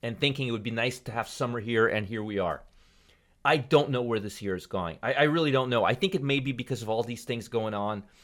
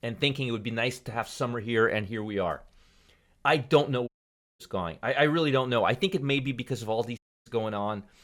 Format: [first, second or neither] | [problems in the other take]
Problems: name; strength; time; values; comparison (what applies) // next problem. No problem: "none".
first | audio cutting out; at 4 s for 0.5 s and at 7 s